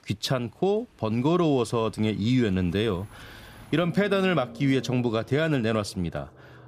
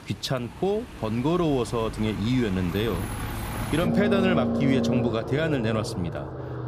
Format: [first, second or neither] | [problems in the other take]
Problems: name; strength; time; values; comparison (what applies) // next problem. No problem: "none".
first | traffic noise; loud; throughout; 3 dB below the speech; faint in the first